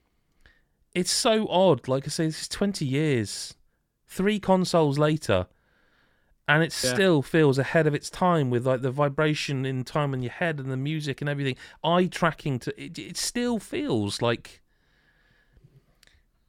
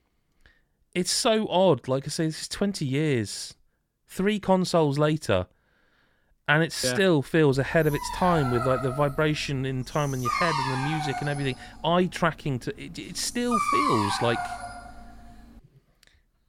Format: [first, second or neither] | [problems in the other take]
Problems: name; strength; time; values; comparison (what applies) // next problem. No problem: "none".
first | dog barking; loud; from 7.5 to 15 s; peak 2 dB above the speech